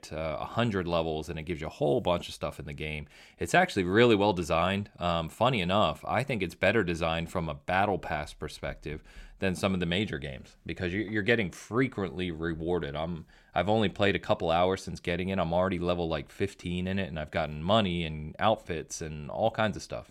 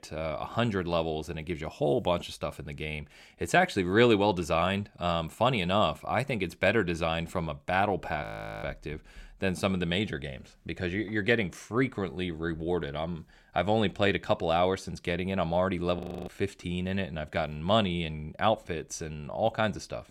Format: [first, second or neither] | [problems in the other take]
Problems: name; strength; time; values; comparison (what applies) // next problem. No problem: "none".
first | audio freezing; at 8 s and at 16 s